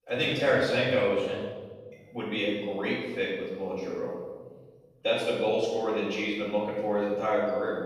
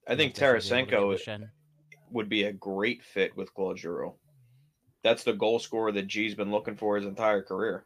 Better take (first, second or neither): second